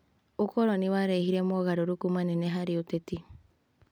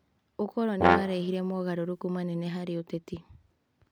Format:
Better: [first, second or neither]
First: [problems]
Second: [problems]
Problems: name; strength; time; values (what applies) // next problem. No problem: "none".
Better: first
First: none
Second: background sound (Brass instrument); 4 dB above the speech